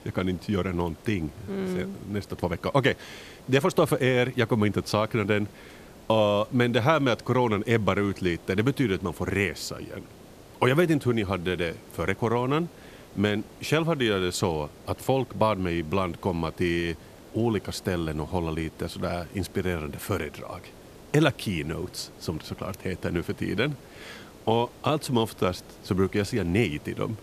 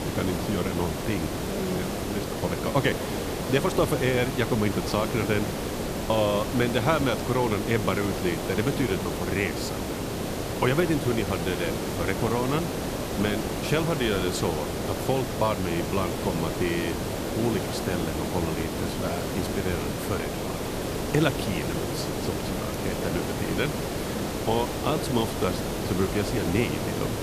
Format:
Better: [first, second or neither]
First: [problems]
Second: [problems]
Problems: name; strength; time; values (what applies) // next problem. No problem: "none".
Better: first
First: hiss; faint; throughout; 20 dB below the speech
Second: hiss; loud; throughout; 2 dB below the speech